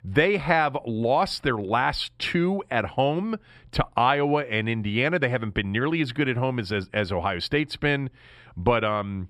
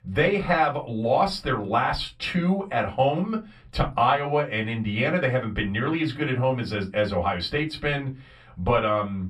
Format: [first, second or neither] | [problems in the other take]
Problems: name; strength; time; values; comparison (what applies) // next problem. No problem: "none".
first | off-mic speech; far // room echo; very slight; dies away in 0.2 s